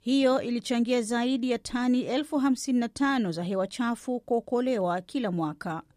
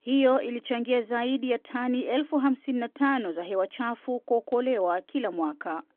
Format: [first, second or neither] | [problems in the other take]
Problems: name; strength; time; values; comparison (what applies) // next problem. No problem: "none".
first | phone-call audio; nothing above 3.5 kHz